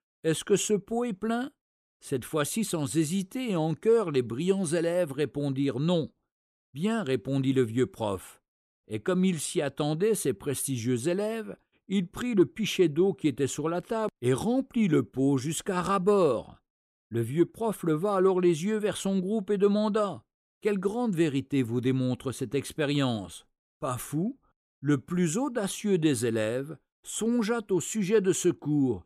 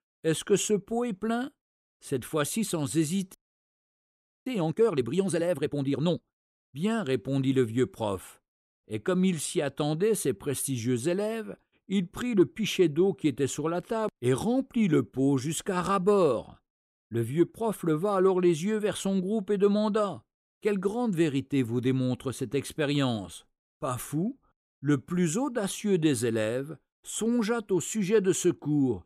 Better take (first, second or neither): first